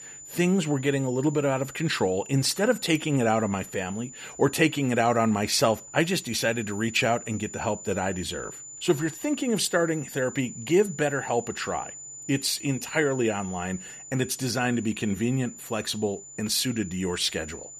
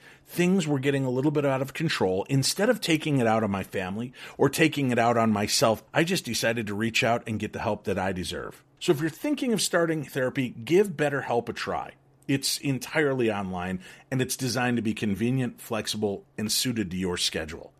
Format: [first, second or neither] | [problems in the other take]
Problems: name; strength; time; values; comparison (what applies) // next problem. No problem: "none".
second | high-pitched whine; noticeable; throughout; 7 kHz, 15 dB below the speech